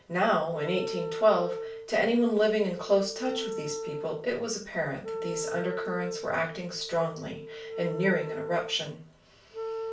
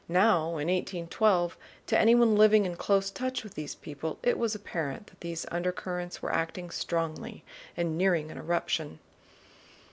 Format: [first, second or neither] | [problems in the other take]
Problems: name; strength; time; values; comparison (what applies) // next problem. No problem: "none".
second | background sound (Wind instrument, woodwind instrument); 8 dB below the speech // room echo; dies away in 0.3 s